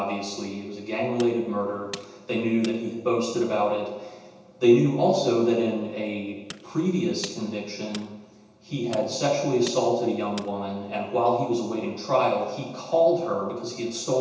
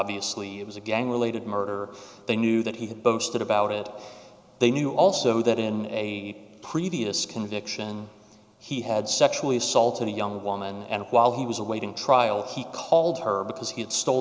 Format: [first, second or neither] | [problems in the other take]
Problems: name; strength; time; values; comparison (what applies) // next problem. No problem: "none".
second | background sound (Tools); 20 dB below the speech // room echo; dies away in 0.9 s